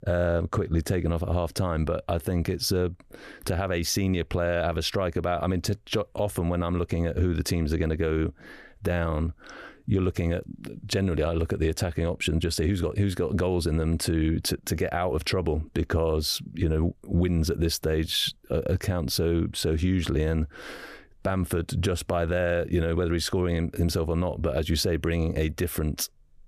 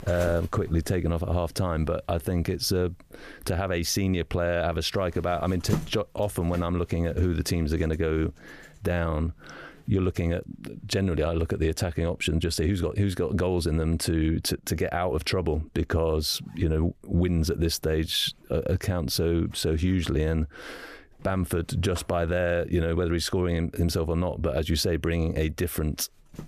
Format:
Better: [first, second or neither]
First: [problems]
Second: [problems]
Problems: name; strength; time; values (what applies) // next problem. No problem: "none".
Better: first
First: none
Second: household noises; noticeable; throughout; 15 dB below the speech